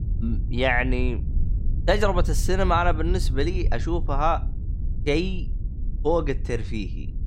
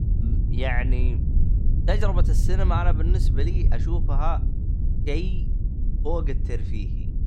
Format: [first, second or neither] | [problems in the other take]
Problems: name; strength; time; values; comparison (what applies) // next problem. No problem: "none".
first | low rumble; loud; throughout; 9 dB below the speech; faint in the first